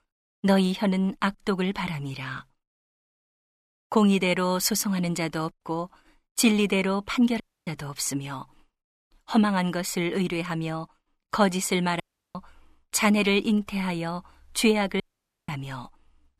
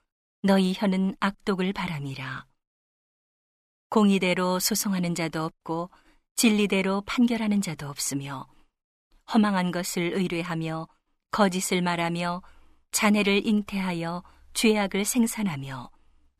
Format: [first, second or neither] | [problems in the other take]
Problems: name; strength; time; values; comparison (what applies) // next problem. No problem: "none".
second | audio cutting out; at 7.5 s, at 12 s and at 15 s